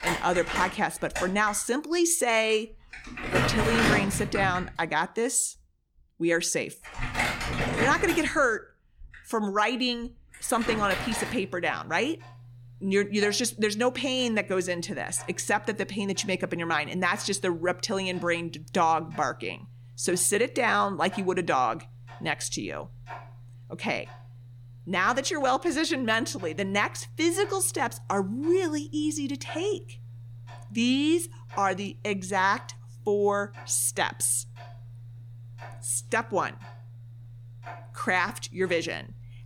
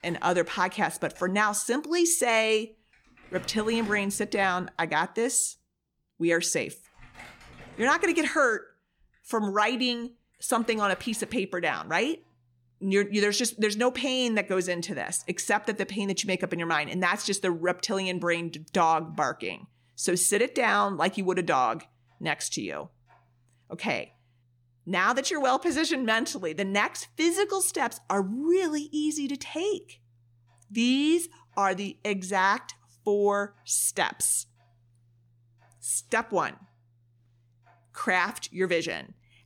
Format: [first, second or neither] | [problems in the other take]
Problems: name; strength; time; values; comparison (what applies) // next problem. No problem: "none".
second | household noises; loud; throughout; 9 dB below the speech; faint in the second